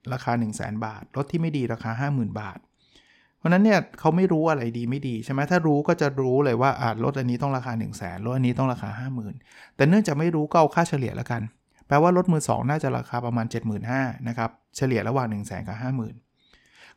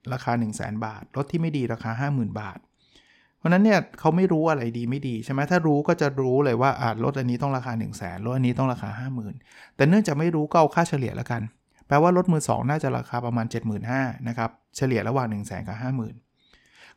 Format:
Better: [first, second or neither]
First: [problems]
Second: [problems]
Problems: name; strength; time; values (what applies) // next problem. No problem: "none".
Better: neither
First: none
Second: none